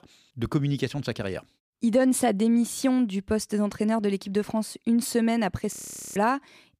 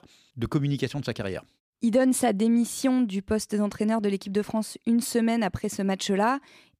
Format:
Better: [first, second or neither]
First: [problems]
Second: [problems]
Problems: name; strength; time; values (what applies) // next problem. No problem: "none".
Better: second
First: audio freezing; at 5.5 s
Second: none